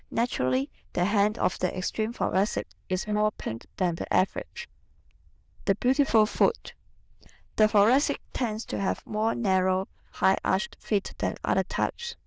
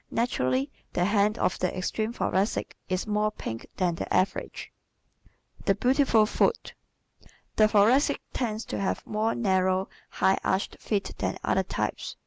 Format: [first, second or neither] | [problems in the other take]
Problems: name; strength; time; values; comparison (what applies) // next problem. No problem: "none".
second | noise reduction (neural diffusion model UNIVERSE++)